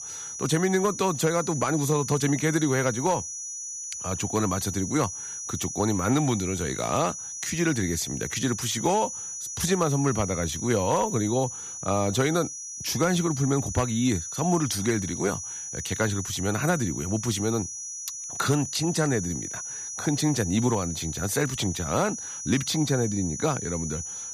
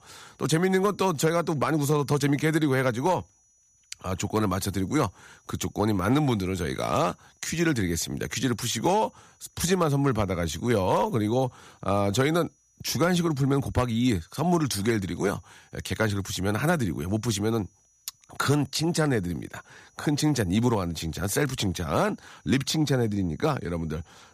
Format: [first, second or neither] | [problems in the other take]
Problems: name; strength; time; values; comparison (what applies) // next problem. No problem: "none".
second | high-pitched whine; loud; throughout; 6 kHz, 6 dB below the speech; faint in the second